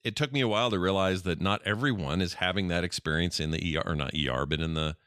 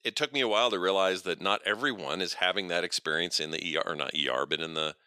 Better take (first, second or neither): first